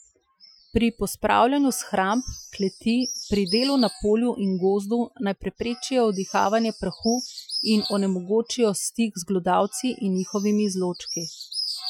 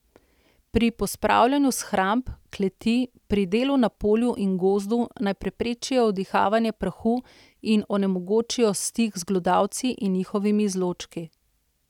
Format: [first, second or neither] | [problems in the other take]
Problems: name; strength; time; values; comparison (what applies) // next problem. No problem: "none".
second | noise reduction (classical method Wiener filter)